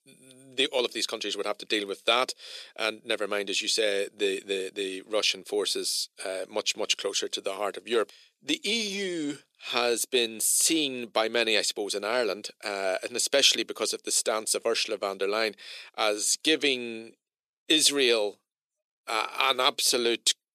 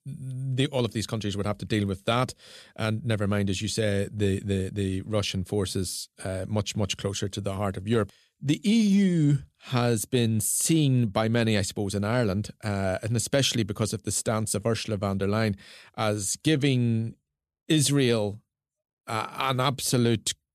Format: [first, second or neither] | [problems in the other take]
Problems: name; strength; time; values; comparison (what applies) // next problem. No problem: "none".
second | thin; very; fading below 350 Hz